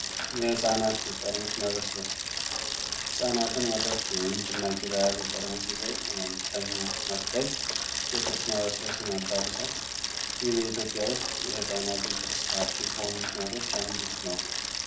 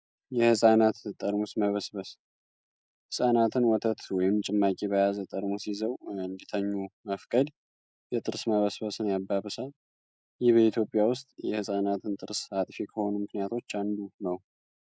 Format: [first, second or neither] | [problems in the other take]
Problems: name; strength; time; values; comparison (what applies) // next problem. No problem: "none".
second | background sound (Bicycle); 1 dB above the speech // room echo; dies away in 0.3 s